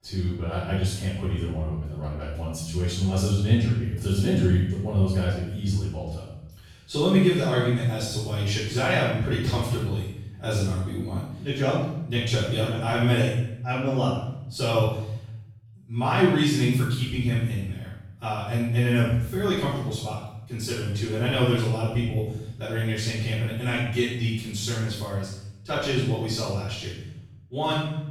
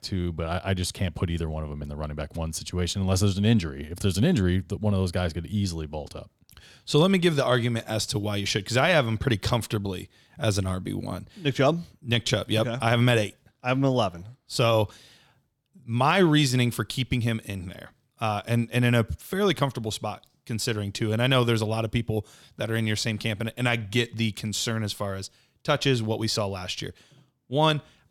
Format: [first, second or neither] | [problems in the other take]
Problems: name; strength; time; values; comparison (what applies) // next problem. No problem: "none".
second | off-mic speech; far // room echo; strong; dies away in 0.8 s